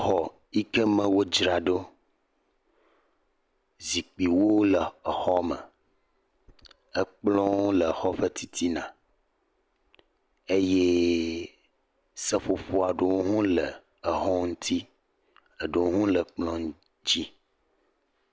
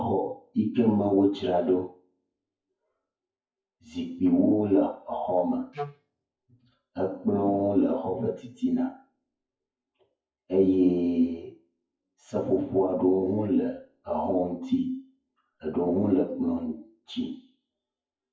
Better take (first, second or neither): first